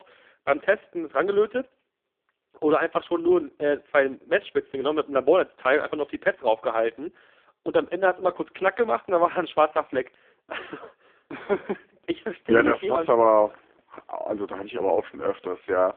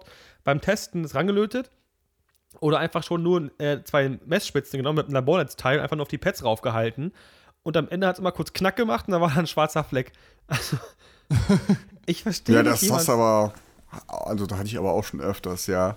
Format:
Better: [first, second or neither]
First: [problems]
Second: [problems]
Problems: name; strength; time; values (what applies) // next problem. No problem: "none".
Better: second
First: phone-call audio; poor line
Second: none